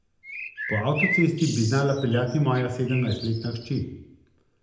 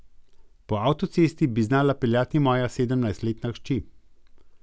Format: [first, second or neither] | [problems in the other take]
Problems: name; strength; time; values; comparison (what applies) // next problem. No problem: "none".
second | background sound (Bird); 8 dB below the speech // room echo; dies away in 0.8 s